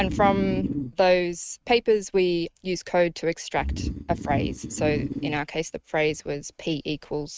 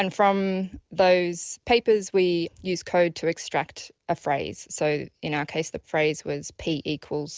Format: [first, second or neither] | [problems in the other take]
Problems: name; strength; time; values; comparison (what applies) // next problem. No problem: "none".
second | noise reduction (neural mask model RNNoise)